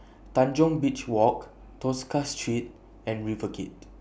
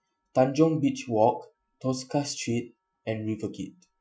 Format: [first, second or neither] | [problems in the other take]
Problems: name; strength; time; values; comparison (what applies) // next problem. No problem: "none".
first | noise reduction (classical method Wiener filter)